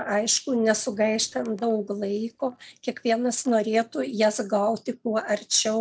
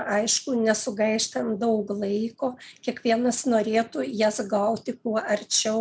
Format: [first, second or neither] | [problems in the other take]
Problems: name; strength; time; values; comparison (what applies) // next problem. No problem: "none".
second | noise reduction (neural mask model DeepFilterNet 3)